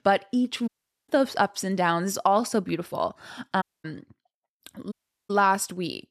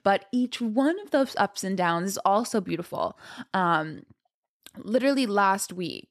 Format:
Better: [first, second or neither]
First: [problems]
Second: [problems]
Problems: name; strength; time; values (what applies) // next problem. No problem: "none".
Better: second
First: audio cutting out; at 0.5 s, at 3.5 s and at 5 s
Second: none